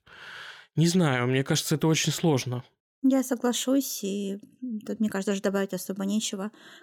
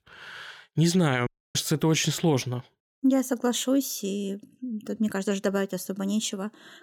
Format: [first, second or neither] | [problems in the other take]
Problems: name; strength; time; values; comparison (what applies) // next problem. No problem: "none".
first | audio cutting out; at 1.5 s